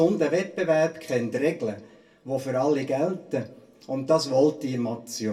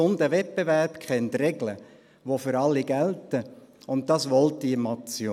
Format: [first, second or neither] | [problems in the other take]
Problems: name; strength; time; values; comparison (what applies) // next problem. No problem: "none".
second | room echo; dies away in 0.2 s